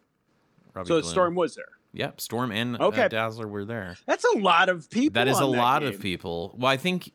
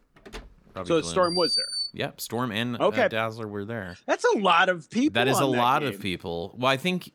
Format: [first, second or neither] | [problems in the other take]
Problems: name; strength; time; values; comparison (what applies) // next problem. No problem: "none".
first | door banging; loud; until 2 s; peak 1 dB above the speech